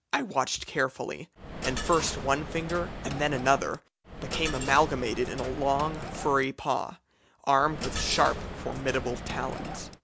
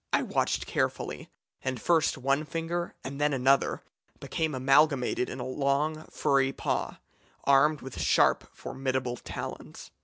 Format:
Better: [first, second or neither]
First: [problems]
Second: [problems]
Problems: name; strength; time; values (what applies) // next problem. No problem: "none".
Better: second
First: background sound (Coin (dropping)); 7 dB below the speech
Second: none